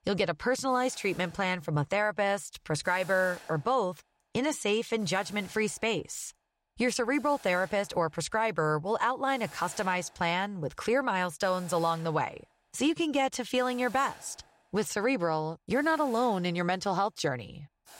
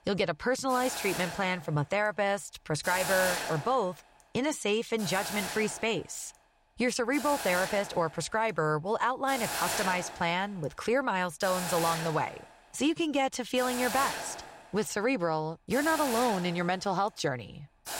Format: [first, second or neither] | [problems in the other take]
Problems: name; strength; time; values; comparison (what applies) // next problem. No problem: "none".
first | hiss; loud; throughout; 6 dB below the speech; faint in the first